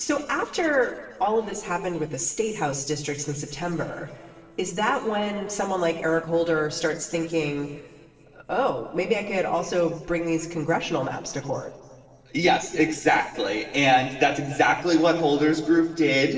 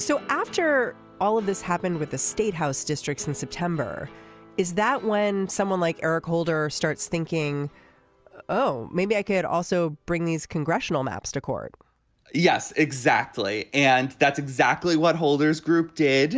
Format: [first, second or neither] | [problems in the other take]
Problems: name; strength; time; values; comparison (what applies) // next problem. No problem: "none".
second | noise reduction (neural separator model SepFormer DNS4)